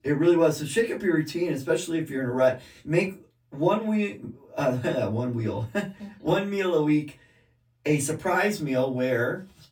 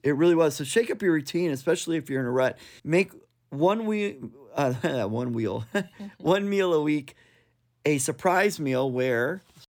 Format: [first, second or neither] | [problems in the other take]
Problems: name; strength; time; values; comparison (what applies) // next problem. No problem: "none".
second | off-mic speech; far // room echo; very slight; dies away in 0.2 s